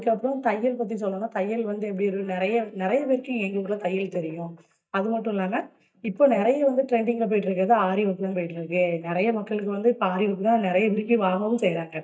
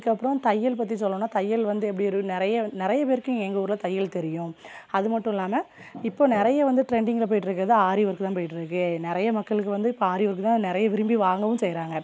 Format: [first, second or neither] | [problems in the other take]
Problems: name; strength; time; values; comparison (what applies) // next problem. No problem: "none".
second | noise reduction (neural mask model DeepFilterNet 3)